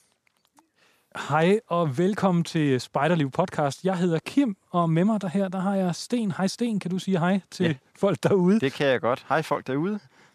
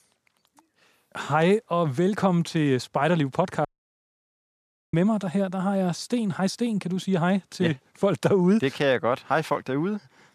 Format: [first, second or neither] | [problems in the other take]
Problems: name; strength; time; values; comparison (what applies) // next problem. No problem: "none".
first | audio cutting out; at 3.5 s for 1.5 s